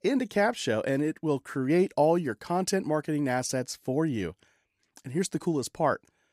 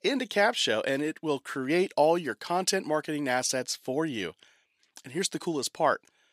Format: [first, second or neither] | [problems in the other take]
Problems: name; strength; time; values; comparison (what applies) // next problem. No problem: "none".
first | thin; very slightly; fading below 950 Hz